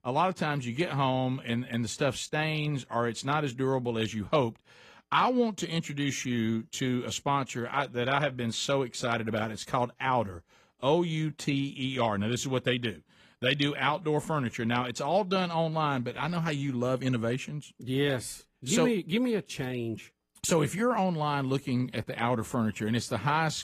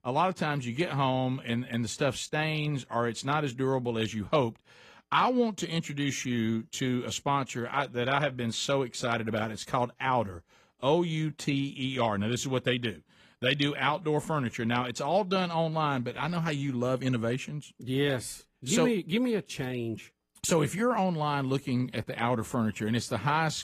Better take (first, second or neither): neither